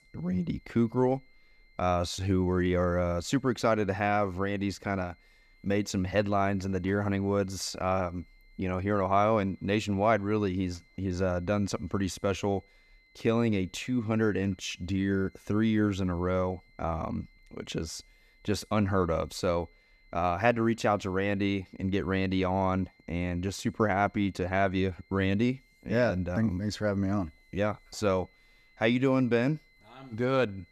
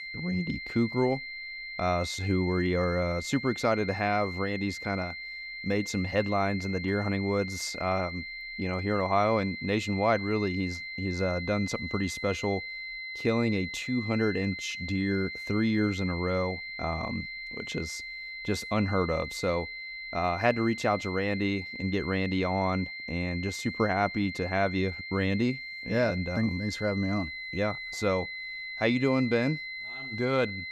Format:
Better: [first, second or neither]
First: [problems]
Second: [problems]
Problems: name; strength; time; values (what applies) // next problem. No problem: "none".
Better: first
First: high-pitched whine; faint; throughout; 2 kHz, 35 dB below the speech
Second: high-pitched whine; loud; throughout; 2 kHz, 7 dB below the speech